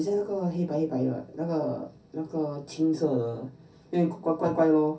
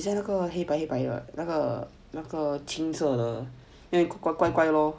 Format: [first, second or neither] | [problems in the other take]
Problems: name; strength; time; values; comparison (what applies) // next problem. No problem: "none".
second | room echo; dies away in 0.3 s